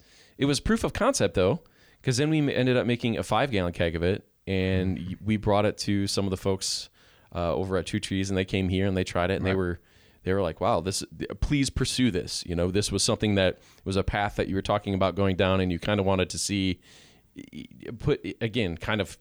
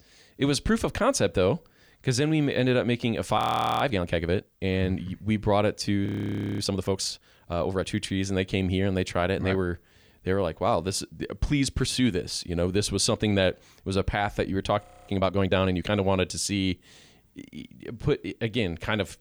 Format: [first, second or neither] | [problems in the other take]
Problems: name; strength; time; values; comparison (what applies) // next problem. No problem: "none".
first | audio freezing; at 3.5 s, at 6 s for 0.5 s and at 15 s